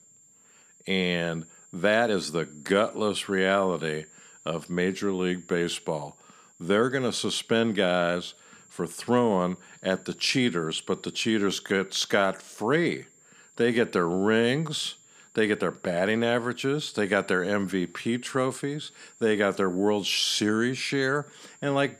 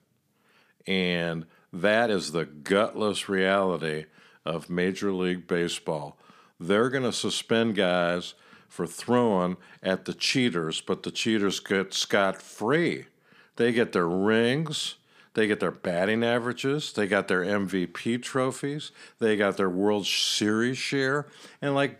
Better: second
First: high-pitched whine; faint; throughout; 7.5 kHz, 25 dB below the speech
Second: none

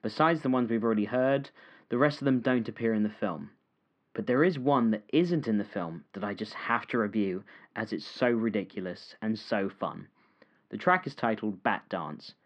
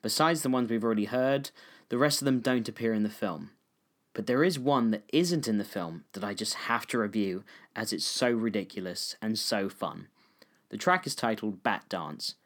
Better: second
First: muffled; slightly; fading above 3 kHz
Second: none

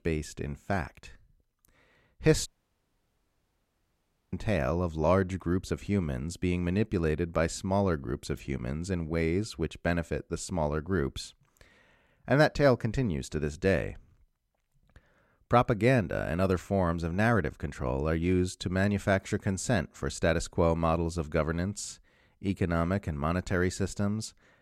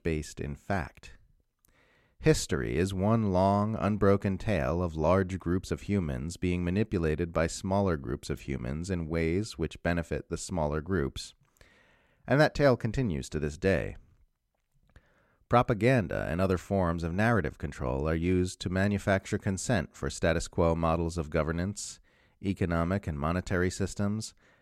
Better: second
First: audio cutting out; at 2.5 s for 2 s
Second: none

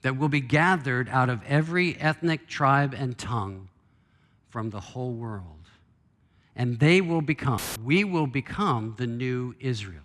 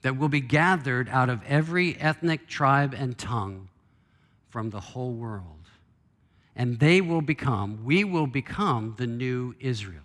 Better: second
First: audio cutting out; filled with static; at 7.5 s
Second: none

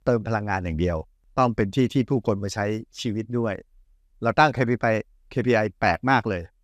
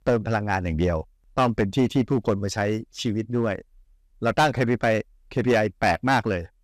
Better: first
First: none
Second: distortion; slight; 4% of the sound clipped

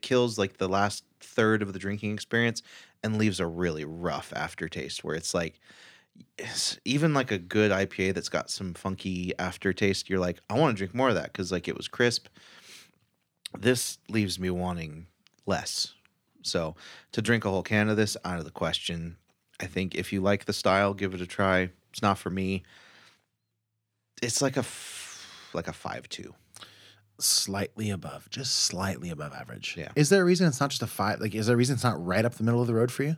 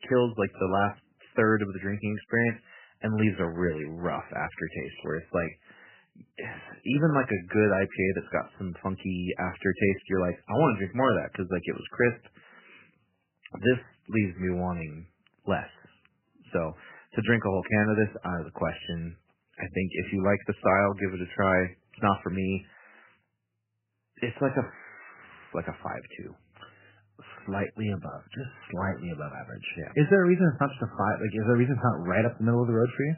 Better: first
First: none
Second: garbled, watery; badly; nothing above 3 kHz

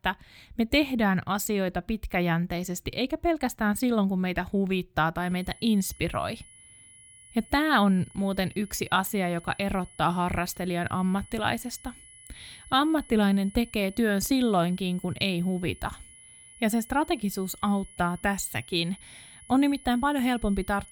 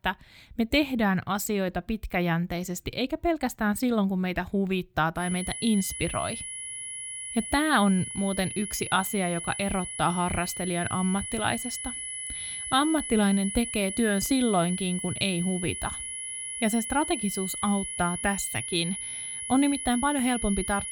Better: first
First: high-pitched whine; faint; from 5 s on; 10 kHz, 20 dB below the speech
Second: high-pitched whine; loud; from 5 s on; 10 kHz, 6 dB below the speech

